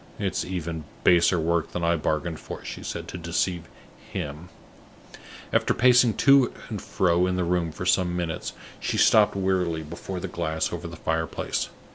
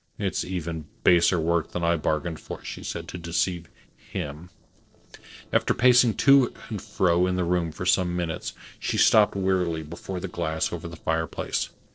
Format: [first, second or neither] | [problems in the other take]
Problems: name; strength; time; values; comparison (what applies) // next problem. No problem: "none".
first | noise reduction (neural separator model SepFormer DNS4)